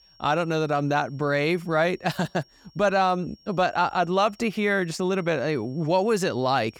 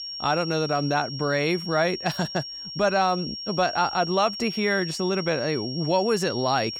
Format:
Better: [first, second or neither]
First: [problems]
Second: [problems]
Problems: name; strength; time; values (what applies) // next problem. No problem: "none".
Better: first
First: high-pitched whine; faint; throughout; 5.5 kHz, 30 dB below the speech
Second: high-pitched whine; loud; throughout; 5.5 kHz, 8 dB below the speech